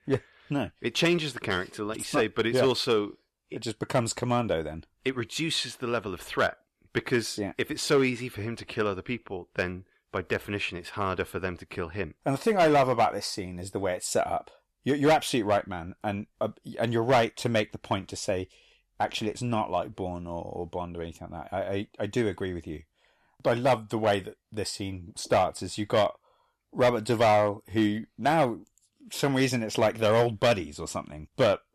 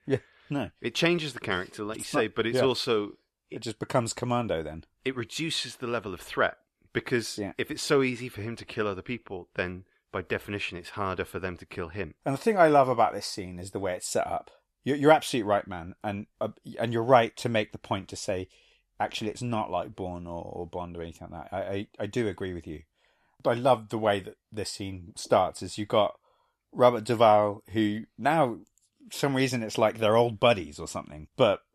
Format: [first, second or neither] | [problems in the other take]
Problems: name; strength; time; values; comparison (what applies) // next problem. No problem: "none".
second | distortion; slight; 2% of the sound clipped